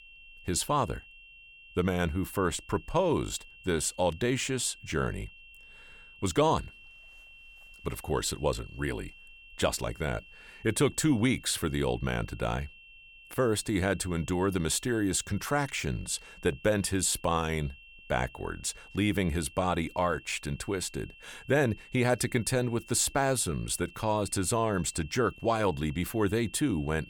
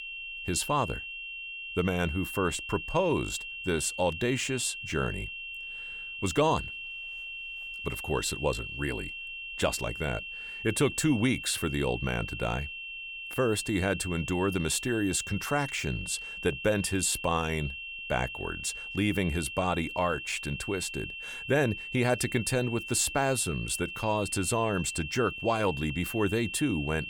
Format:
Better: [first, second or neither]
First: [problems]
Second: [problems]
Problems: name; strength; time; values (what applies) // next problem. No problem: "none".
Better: first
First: high-pitched whine; faint; throughout; 2.5 kHz, 20 dB below the speech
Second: high-pitched whine; loud; throughout; 2.5 kHz, 7 dB below the speech